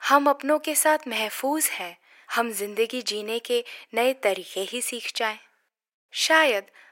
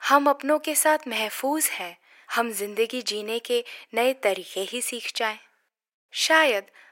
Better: neither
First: thin; somewhat; fading below 450 Hz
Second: thin; somewhat; fading below 450 Hz

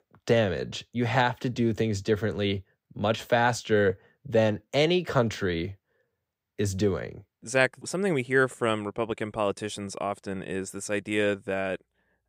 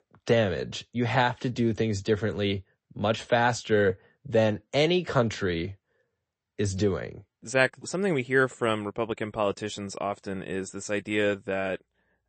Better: first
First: none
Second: garbled, watery; slightly; nothing above 8 kHz

